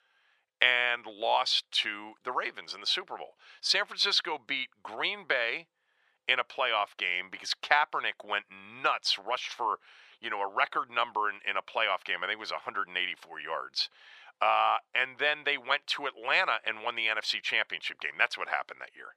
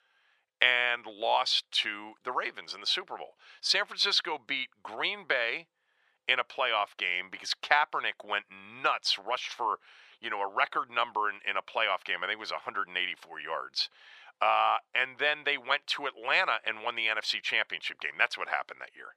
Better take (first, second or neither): neither